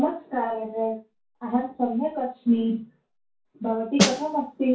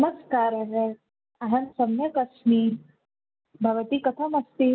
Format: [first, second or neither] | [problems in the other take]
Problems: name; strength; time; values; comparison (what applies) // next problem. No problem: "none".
second | background sound (Snare drum); 2 dB above the speech // room echo; dies away in 0.2 s